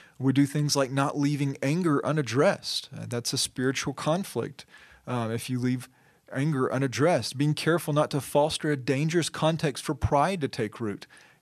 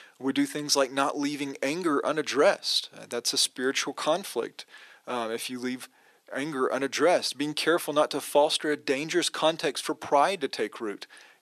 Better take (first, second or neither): first